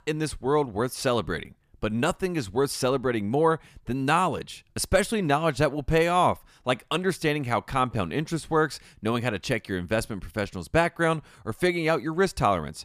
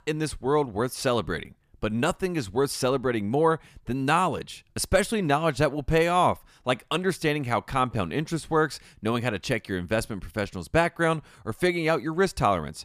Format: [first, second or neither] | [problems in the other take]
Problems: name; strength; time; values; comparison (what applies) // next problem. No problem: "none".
neither | none